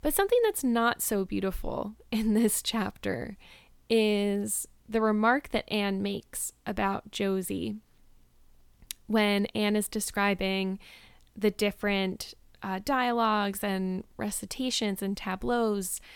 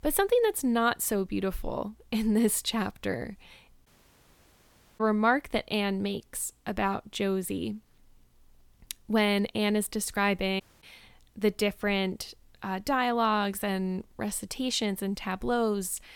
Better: first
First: none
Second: audio cutting out; at 4 s for 1 s and at 11 s

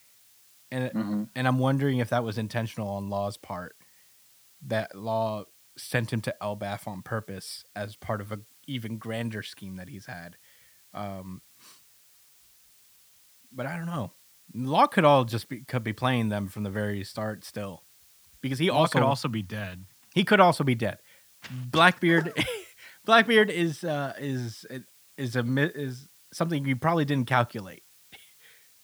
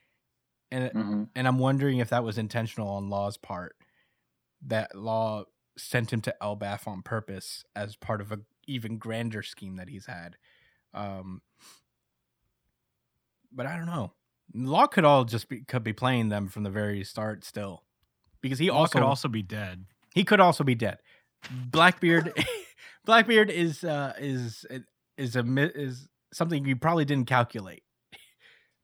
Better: second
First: hiss; faint; throughout; 30 dB below the speech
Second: none

